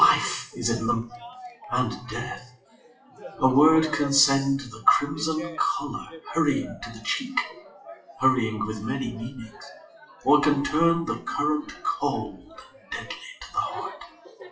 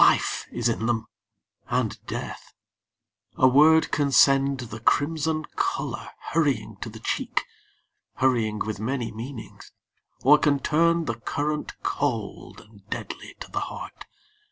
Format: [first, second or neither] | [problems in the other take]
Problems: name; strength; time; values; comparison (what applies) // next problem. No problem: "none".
second | noise reduction (classical method WPE with log-MMSE)